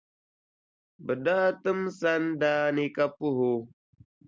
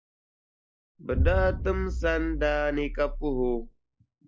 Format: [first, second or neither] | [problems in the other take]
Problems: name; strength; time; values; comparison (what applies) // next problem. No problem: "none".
first | noise reduction (classical method log-MMSE)